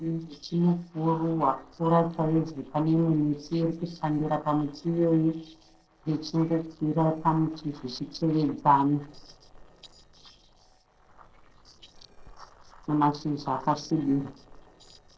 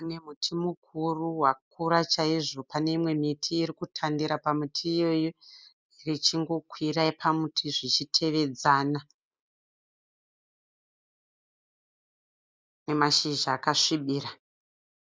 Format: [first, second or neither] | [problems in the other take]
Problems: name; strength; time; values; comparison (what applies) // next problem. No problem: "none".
second | noise reduction (neural separator model SepFormer DNS4)